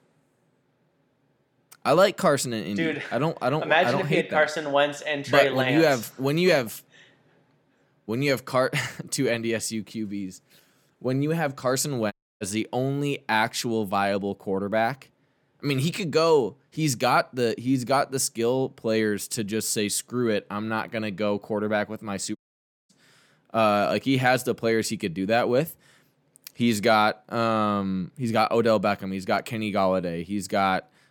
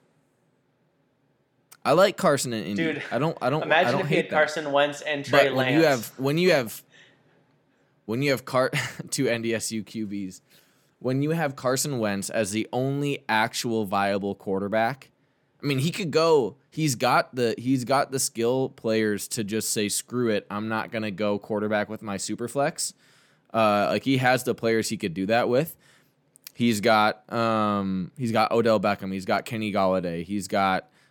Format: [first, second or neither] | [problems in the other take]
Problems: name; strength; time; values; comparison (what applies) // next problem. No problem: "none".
second | audio cutting out; at 12 s and at 22 s for 0.5 s